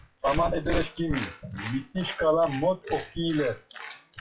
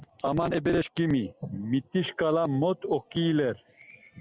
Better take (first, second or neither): second